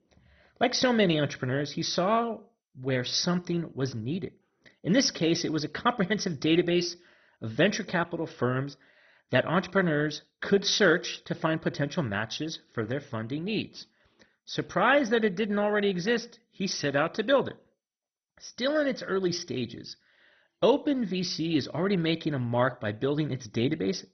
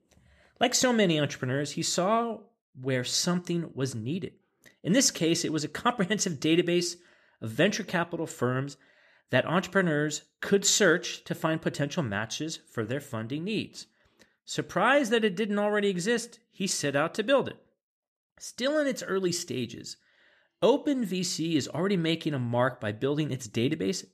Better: second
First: garbled, watery; badly; nothing above 6 kHz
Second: none

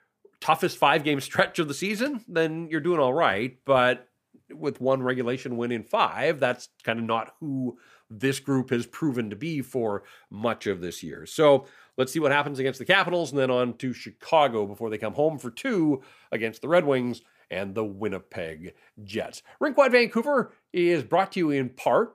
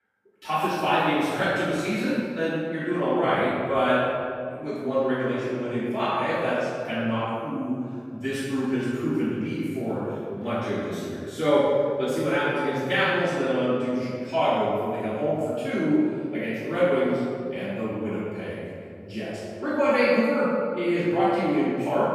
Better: first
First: none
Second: off-mic speech; far // room echo; strong; dies away in 2.2 s

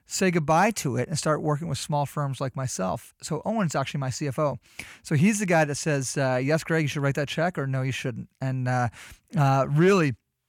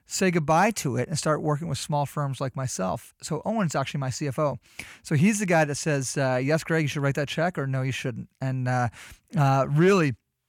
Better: neither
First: none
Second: none

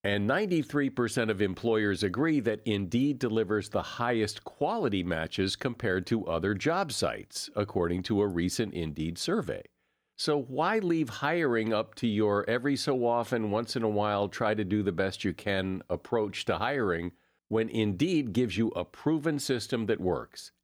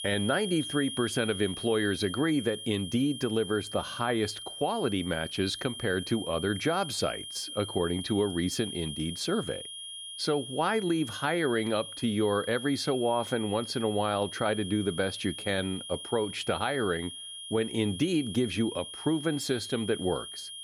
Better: first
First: none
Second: high-pitched whine; loud; throughout; 3 kHz, 9 dB below the speech

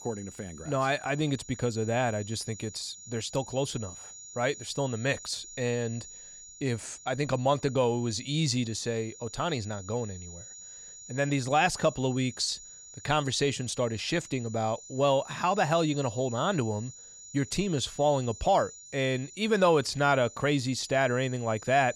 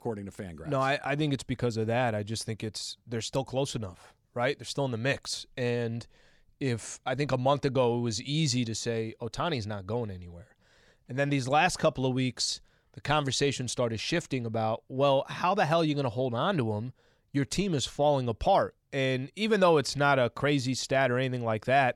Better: second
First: high-pitched whine; noticeable; throughout; 7 kHz, 15 dB below the speech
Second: none

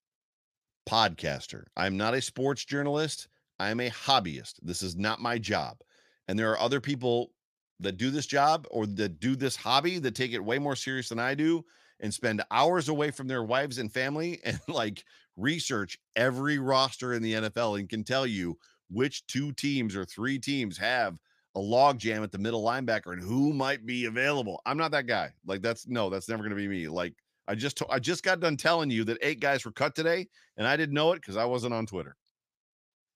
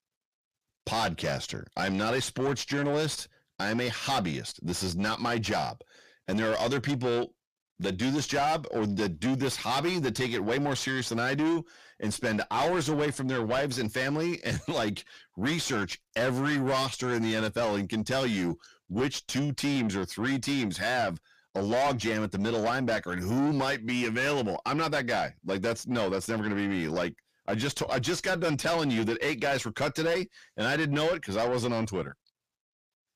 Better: first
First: none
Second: distortion; heavy; 6 dB below the speech

